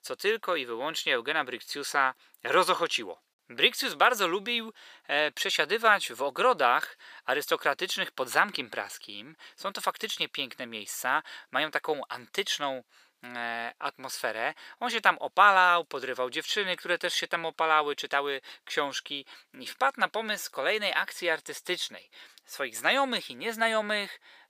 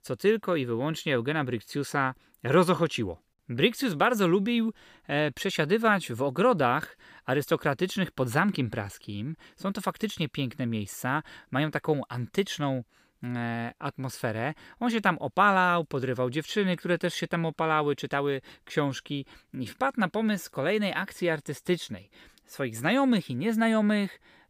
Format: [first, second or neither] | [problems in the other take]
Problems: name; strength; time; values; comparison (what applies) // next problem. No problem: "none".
second | thin; very; fading below 650 Hz